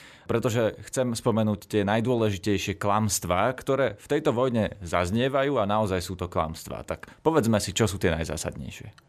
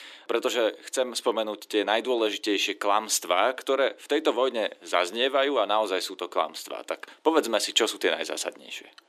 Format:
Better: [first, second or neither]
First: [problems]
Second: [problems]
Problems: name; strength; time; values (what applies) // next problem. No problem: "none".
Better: first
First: none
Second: thin; somewhat; fading below 300 Hz